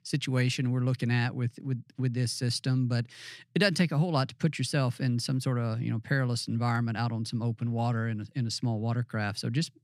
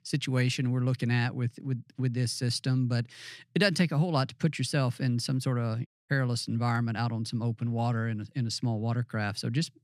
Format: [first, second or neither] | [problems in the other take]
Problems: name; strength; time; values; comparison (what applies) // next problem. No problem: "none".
first | audio cutting out; at 6 s